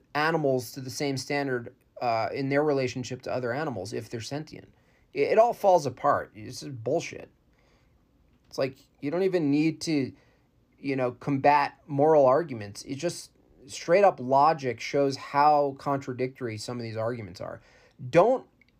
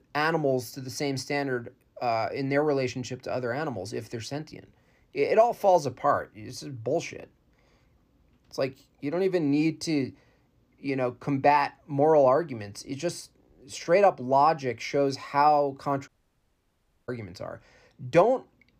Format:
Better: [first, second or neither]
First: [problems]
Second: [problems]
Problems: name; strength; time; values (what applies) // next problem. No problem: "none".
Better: first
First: none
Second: audio cutting out; at 16 s for 1 s